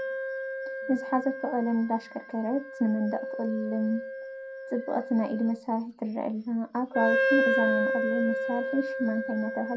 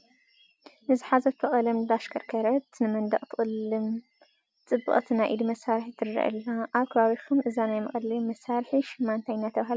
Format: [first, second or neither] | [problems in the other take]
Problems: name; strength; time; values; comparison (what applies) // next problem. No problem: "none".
second | background sound (Wind instrument, woodwind instrument); 2 dB below the speech // room echo; dies away in 0.2 s